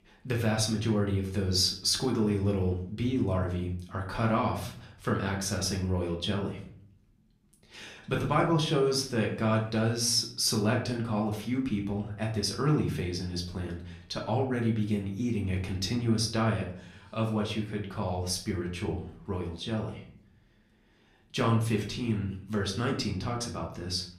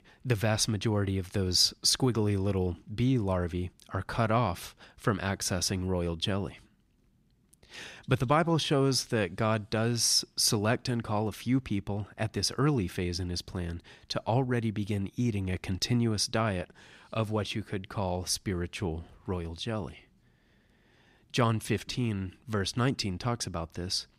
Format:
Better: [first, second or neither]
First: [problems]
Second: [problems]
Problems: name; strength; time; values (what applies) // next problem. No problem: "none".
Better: second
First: room echo; slight; dies away in 0.5 s // off-mic speech; somewhat distant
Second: none